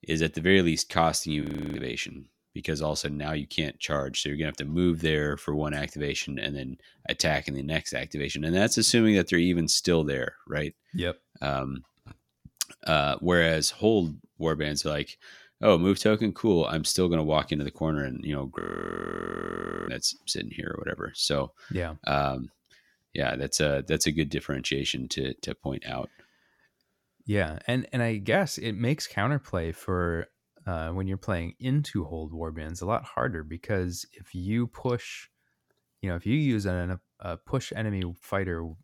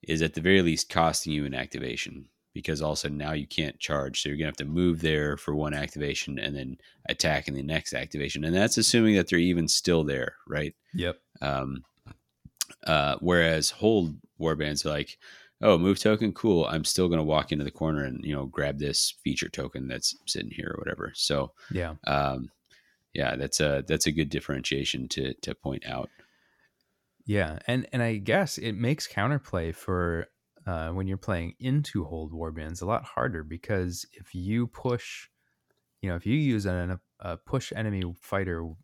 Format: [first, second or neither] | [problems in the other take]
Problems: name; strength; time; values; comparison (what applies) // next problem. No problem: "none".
second | audio freezing; at 1.5 s and at 19 s for 1.5 s